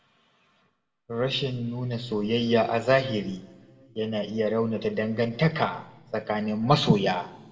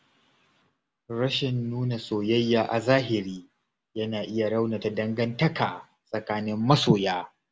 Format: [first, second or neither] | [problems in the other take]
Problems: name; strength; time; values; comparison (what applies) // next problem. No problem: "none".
second | room echo; dies away in 1.5 s